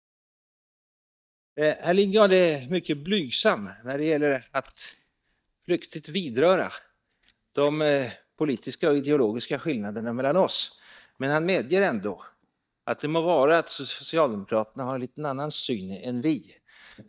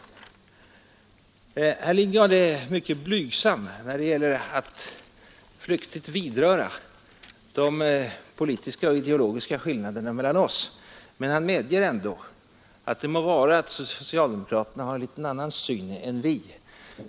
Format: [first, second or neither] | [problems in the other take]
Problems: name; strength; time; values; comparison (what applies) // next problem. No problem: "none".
second | noise reduction (neural mask model DeepFilterNet 3)